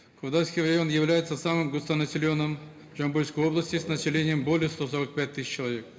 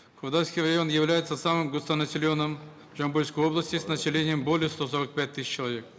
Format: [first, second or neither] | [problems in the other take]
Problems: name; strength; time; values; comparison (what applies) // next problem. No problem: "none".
second | room echo; dies away in 2.1 s